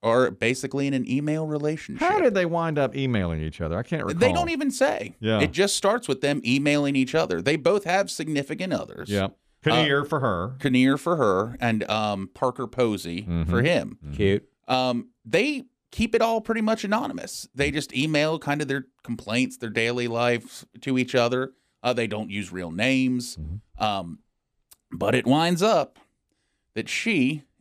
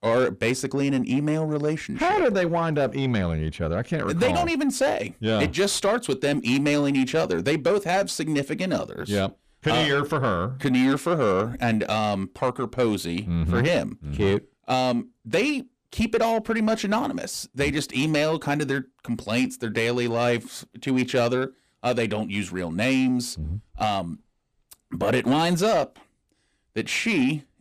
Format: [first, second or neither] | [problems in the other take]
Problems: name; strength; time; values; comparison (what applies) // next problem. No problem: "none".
first | distortion; slight; 10 dB below the speech